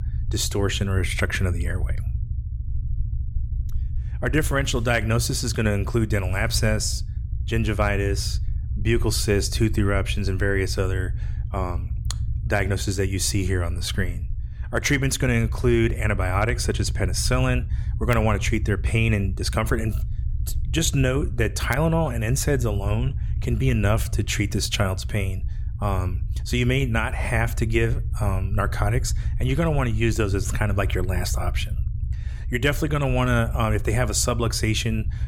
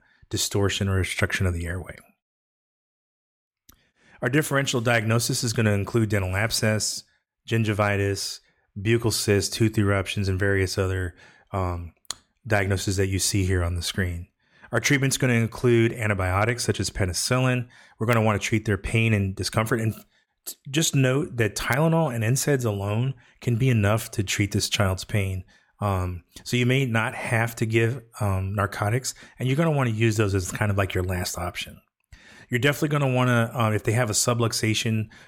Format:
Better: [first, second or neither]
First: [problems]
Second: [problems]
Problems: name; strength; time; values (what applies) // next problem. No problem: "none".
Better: second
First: low rumble; noticeable; throughout; 20 dB below the speech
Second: none